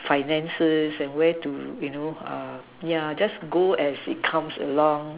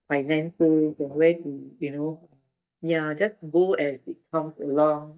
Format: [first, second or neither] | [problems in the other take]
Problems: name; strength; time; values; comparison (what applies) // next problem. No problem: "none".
first | noise reduction (neural mask model DeepFilterNet 3)